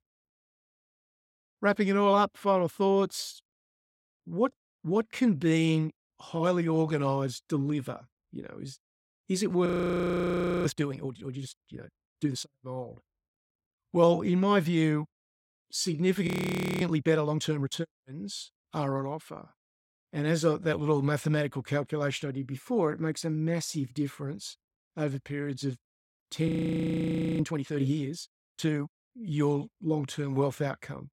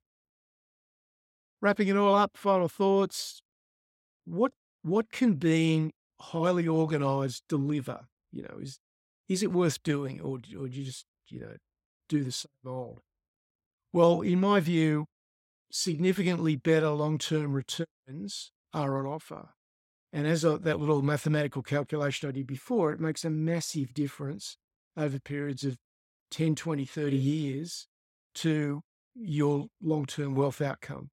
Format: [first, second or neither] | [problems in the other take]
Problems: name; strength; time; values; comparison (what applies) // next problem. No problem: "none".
second | audio freezing; at 9.5 s for 1 s, at 16 s for 0.5 s and at 26 s for 1 s